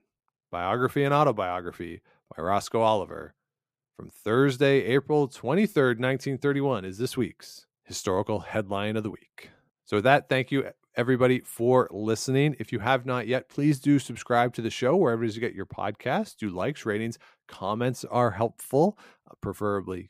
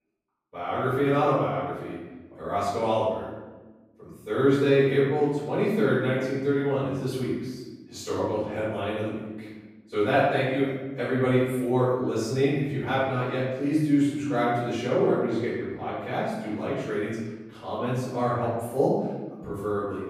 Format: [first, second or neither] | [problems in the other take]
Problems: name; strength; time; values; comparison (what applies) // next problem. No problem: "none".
first | room echo; strong; dies away in 1.1 s // off-mic speech; far